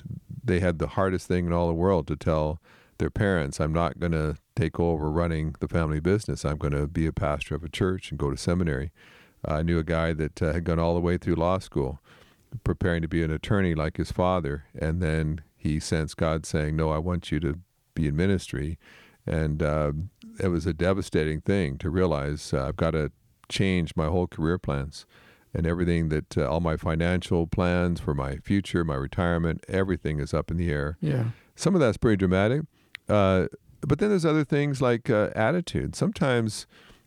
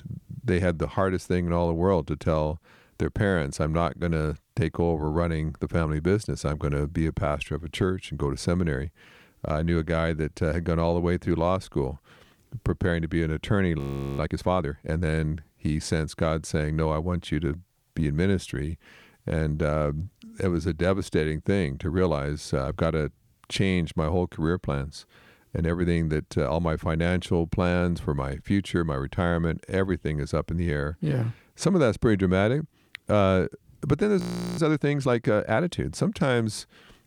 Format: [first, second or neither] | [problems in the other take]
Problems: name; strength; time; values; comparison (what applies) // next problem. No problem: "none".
first | audio freezing; at 14 s and at 34 s